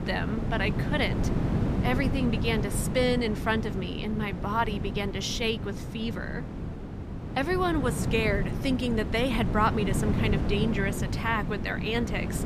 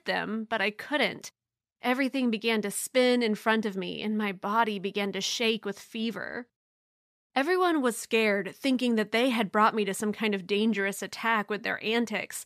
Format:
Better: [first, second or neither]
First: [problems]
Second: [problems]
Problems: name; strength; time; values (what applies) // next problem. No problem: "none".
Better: second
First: wind noise on the microphone; heavy; 8 dB below the speech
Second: none